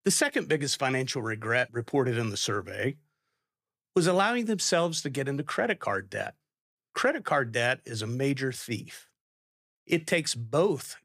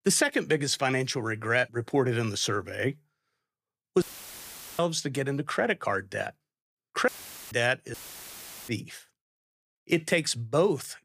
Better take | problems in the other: first | audio cutting out; filled with static; at 4 s for 1 s, at 7 s and at 8 s for 0.5 s

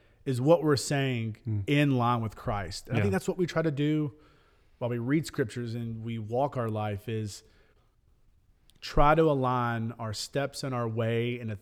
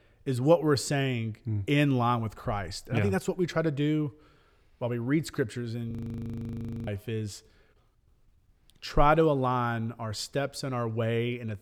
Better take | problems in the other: first | audio freezing; at 6 s for 1 s

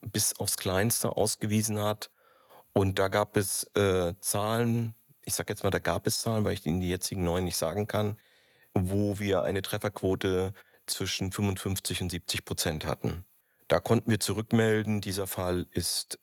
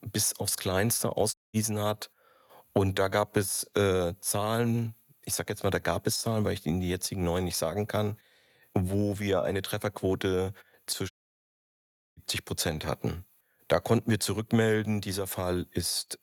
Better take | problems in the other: first | audio cutting out; at 1.5 s and at 11 s for 1 s

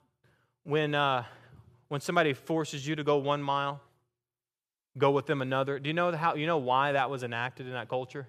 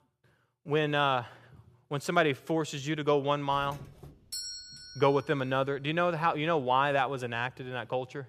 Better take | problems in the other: first | doorbell; noticeable; from 3.5 to 5 s; peak 7 dB below the speech

